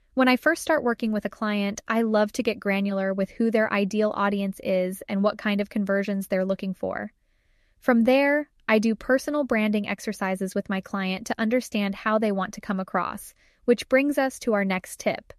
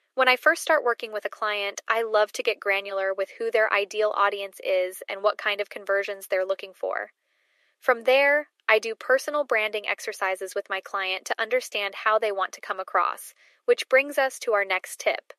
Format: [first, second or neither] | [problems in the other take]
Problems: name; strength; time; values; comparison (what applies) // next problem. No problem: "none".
first | thin; very; fading below 400 Hz